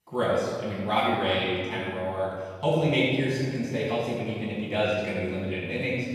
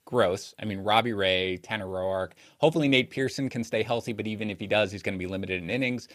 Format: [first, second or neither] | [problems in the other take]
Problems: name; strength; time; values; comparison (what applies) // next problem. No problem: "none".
second | off-mic speech; far // room echo; strong; dies away in 2 s